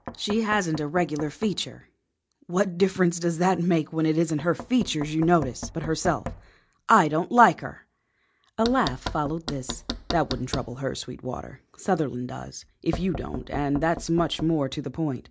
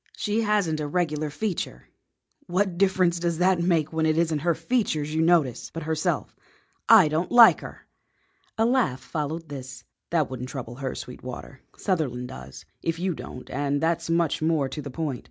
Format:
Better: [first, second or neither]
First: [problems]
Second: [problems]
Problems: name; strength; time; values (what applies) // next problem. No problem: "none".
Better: second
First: background sound (Knock); 14 dB below the speech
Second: none